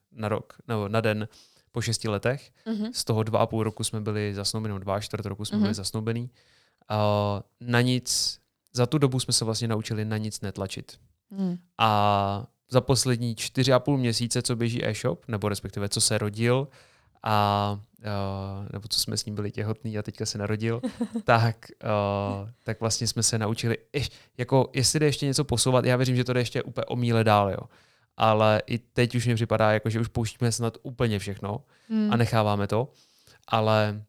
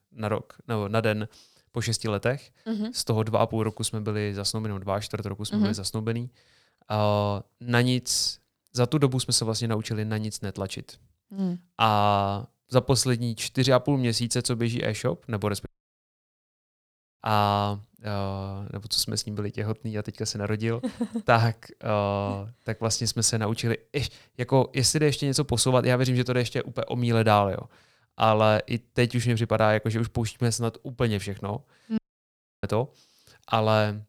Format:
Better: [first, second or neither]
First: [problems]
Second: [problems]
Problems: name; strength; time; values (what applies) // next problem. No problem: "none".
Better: first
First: none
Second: audio cutting out; at 16 s for 1.5 s and at 32 s for 0.5 s